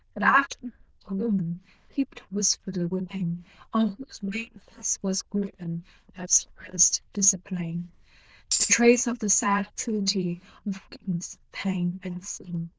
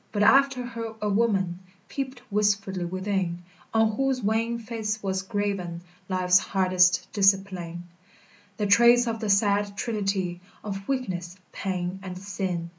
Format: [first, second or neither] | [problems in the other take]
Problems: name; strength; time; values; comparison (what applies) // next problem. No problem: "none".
second | noise reduction (neural diffusion model UNIVERSE++)